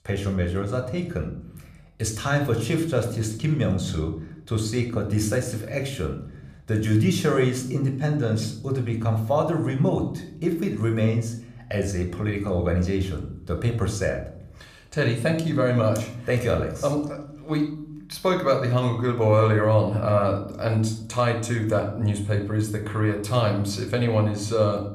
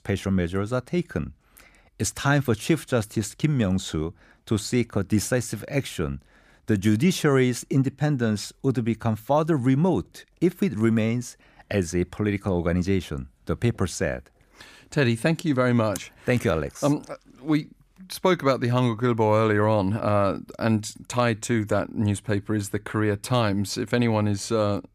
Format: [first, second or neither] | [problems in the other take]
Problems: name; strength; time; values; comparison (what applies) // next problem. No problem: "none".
second | room echo; slight; dies away in 0.5 s